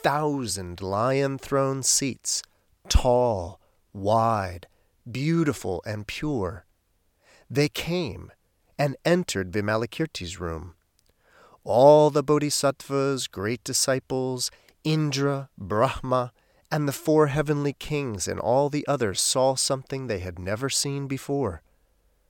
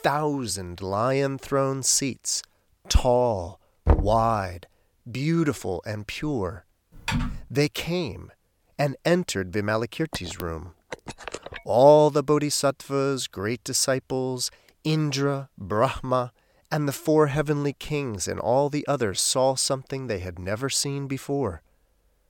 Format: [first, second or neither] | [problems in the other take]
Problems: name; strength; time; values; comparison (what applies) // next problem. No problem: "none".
first | door banging; loud; at 4 s; peak 1 dB above the speech // keyboard typing; noticeable; at 7 s; peak 4 dB below the speech // phone ringing; faint; from 10 to 12 s; peak 10 dB below the speech